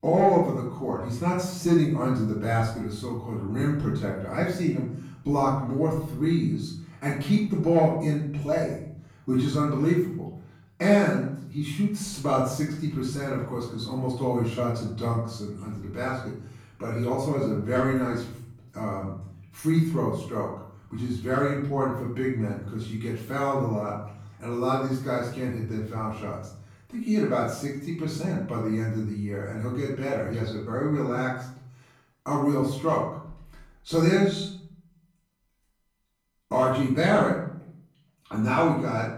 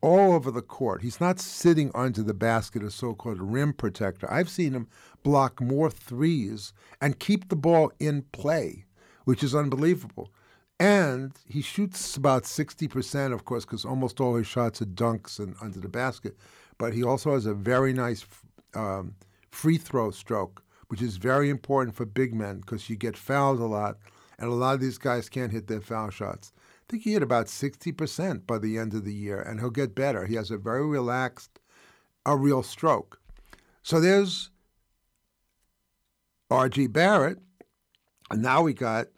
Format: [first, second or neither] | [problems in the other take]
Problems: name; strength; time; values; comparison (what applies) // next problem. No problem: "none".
second | off-mic speech; far // room echo; noticeable; dies away in 0.7 s